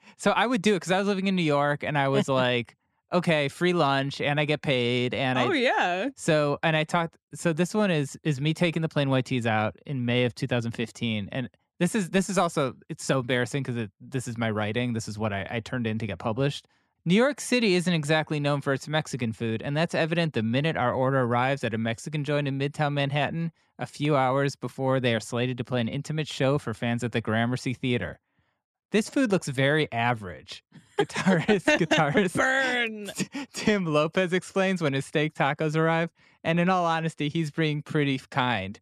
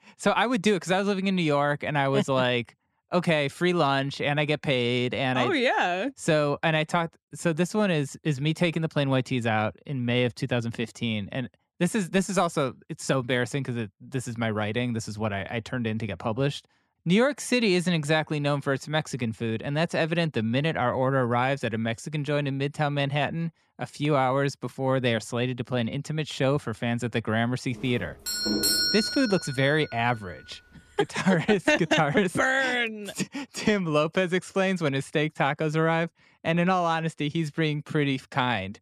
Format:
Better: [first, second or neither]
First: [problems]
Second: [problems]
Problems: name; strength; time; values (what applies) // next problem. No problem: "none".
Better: first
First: none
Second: doorbell; loud; from 28 to 30 s; peak 5 dB above the speech